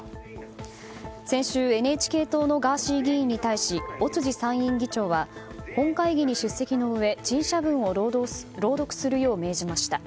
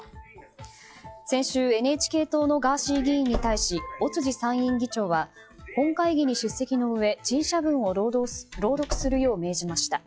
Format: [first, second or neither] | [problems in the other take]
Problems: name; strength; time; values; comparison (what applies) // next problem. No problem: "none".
first | noise reduction (classical method log-MMSE)